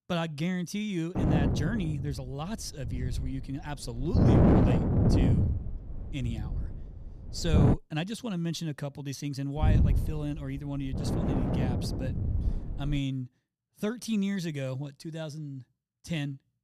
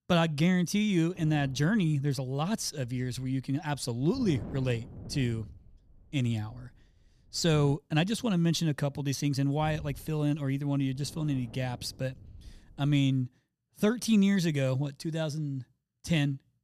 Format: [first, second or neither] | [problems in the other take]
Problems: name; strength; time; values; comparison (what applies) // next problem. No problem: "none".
second | wind noise on the microphone; heavy; from 1 to 7.5 s and from 9.5 to 13 s; 5 dB above the speech; occasional gusts in the second